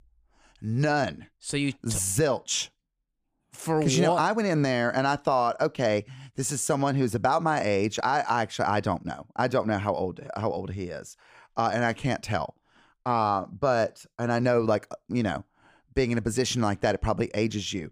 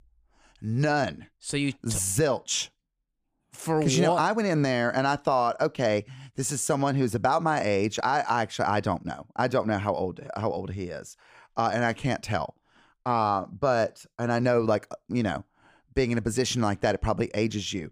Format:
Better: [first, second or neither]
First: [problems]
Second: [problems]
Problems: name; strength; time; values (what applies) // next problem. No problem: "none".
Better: neither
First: none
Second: none